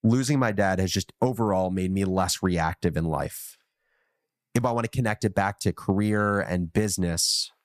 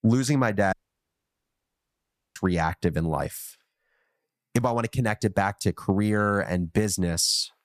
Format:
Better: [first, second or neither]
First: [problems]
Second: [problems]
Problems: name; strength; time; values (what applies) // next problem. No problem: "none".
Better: first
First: none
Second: audio cutting out; at 0.5 s for 1.5 s